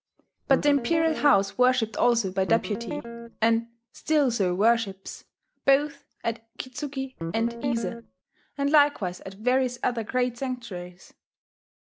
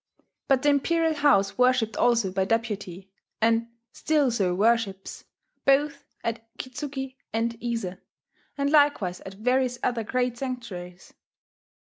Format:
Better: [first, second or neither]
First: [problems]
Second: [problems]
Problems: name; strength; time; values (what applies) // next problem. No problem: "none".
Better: second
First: background sound (Guitar); 8 dB below the speech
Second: none